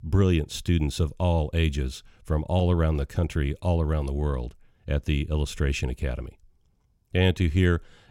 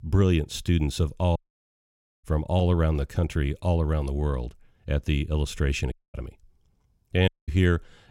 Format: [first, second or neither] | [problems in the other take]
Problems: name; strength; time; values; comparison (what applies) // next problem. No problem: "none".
first | audio cutting out; at 1.5 s for 1 s, at 6 s and at 7.5 s